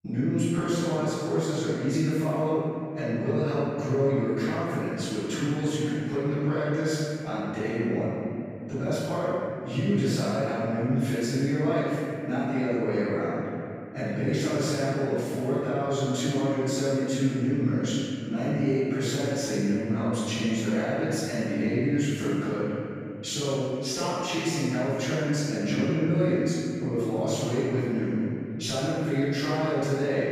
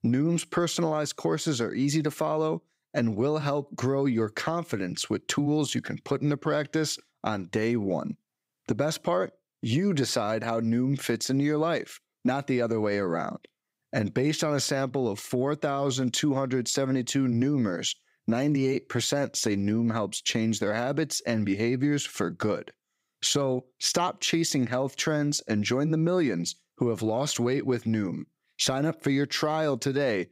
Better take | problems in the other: second | off-mic speech; far // room echo; strong; dies away in 2.7 s

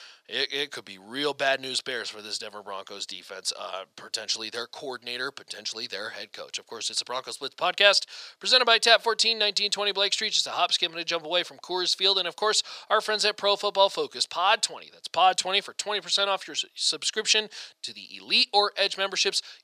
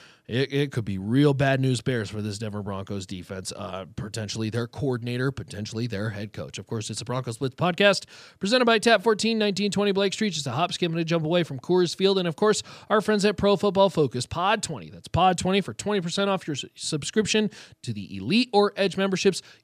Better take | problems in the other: second | thin; very; fading below 700 Hz

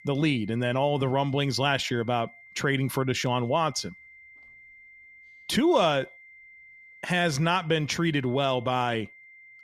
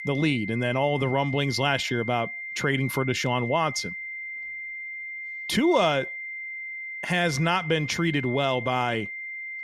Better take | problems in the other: first | high-pitched whine; loud; throughout; 2 kHz, 8 dB below the speech; faint in the first

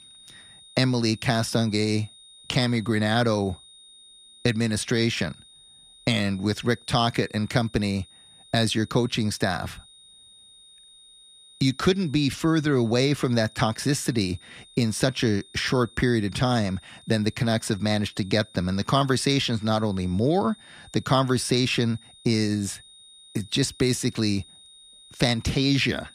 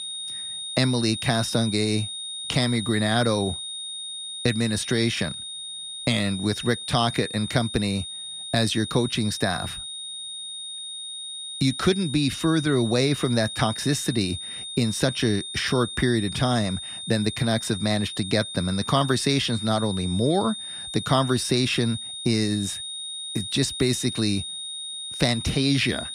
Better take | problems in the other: first | high-pitched whine; loud; throughout; 3.5 kHz, 7 dB below the speech; faint in the first

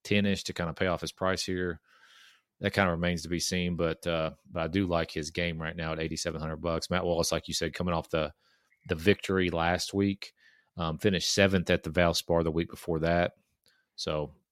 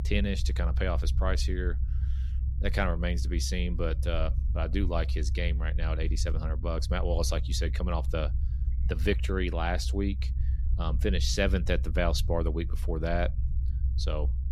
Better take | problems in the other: first | low rumble; noticeable; throughout; 15 dB below the speech

